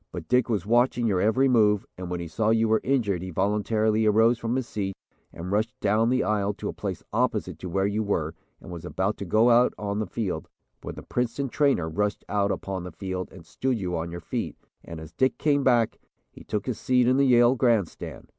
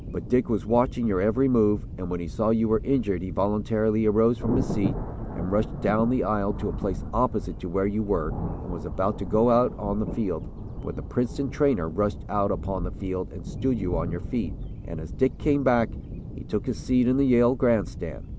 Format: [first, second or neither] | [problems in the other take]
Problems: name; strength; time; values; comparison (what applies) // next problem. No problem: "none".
first | background sound (Thunder); 8 dB below the speech